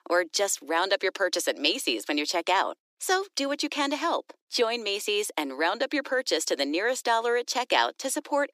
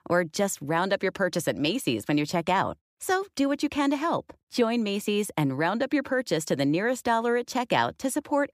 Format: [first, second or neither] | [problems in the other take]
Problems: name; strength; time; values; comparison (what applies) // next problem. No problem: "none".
second | thin; somewhat; fading below 300 Hz